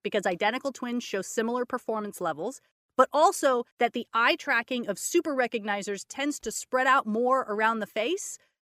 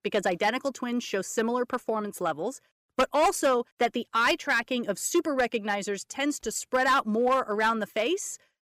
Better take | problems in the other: first | distortion; slight; 4% of the sound clipped

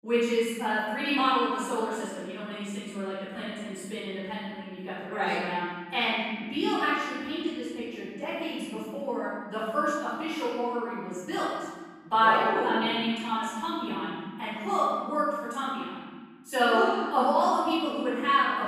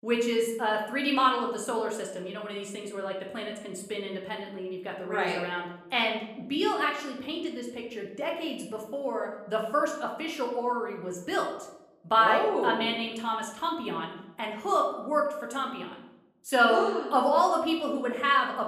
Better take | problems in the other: second | room echo; strong; dies away in 1.5 s; slight in the second // off-mic speech; far; somewhat distant in the second

